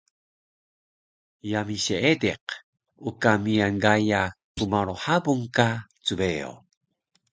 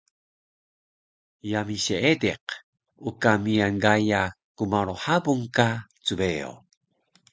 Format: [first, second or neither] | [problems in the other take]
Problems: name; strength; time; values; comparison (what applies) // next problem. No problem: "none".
second | noise reduction (neural mask model RNNoise)